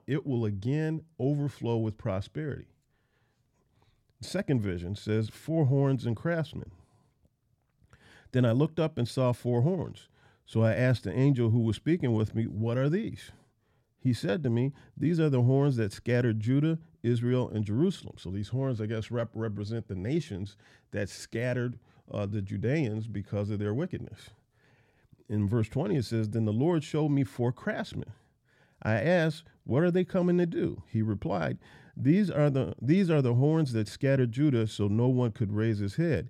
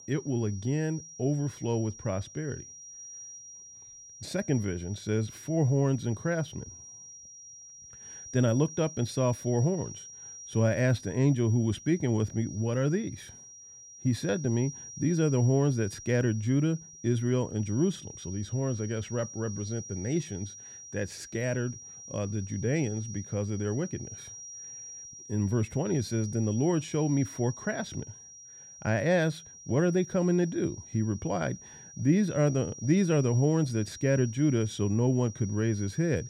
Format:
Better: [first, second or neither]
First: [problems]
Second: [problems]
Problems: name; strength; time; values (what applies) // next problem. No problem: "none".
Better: first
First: none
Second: high-pitched whine; noticeable; throughout; 5.5 kHz, 15 dB below the speech